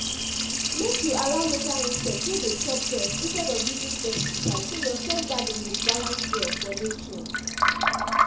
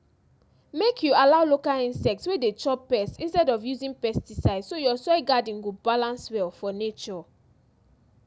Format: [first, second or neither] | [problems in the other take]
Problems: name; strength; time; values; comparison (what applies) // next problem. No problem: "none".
second | background sound (Liquid); 4 dB above the speech // room echo; dies away in 0.6 s